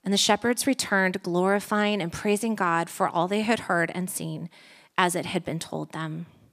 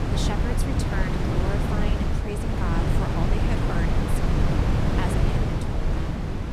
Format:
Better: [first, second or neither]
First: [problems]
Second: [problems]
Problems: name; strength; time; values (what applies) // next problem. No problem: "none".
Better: first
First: none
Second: wind noise on the microphone; heavy; 5 dB above the speech